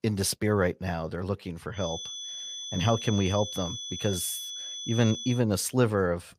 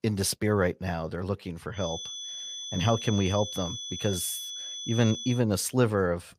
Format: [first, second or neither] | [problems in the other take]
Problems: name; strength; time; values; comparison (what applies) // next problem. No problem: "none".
neither | high-pitched whine; loud; from 2 to 5.5 s; 3.5 kHz, 7 dB below the speech; the same in both